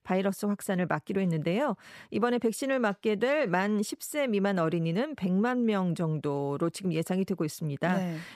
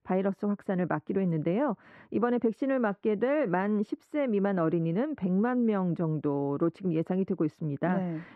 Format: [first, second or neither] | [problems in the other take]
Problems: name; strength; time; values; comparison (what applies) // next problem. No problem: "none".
first | muffled; very; fading above 4 kHz